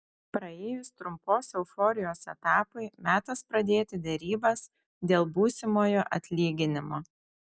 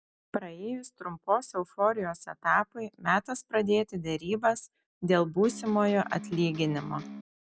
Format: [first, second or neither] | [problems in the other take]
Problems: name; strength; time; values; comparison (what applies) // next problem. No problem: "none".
first | background sound (Electric guitar); 15 dB below the speech